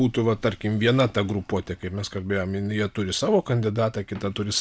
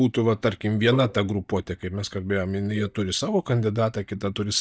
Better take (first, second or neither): first